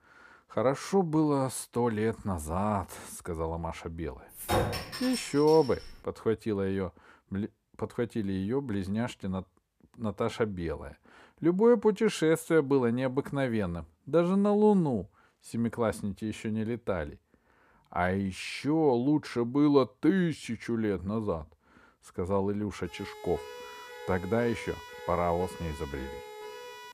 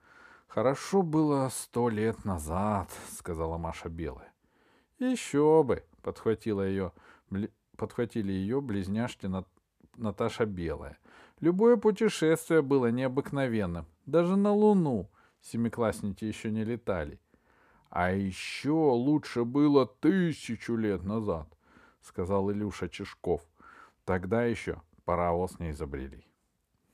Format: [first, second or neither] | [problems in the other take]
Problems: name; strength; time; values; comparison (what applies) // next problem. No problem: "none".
second | clattering dishes; loud; from 4.5 to 6 s; peak level with the speech // siren; faint; from 23 s on; peak 15 dB below the speech